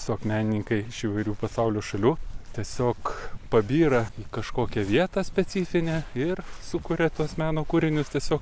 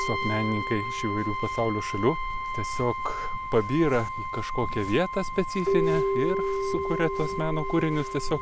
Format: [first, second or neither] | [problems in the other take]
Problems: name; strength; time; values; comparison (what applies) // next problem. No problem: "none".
first | background sound (Keyboard (musical) + Brass instrument); 3 dB below the speech